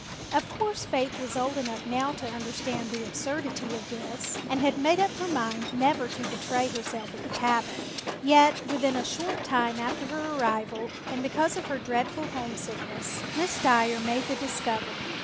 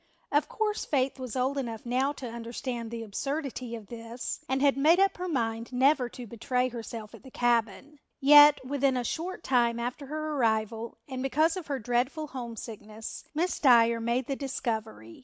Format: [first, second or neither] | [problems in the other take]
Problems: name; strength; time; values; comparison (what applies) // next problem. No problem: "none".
second | background sound (Hiss); 7 dB below the speech